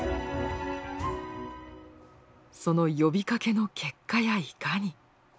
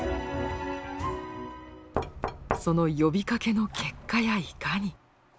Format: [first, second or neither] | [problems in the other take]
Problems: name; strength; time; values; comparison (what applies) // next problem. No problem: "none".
first | background sound (Knock); 7 dB below the speech